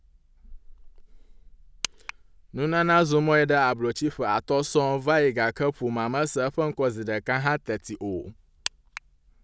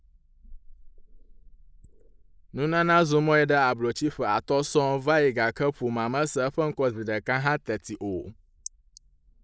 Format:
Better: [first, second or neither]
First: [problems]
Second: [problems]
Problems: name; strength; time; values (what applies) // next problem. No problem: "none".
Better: first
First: none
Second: noise reduction (neural mask model Resemble Enhance denoiser)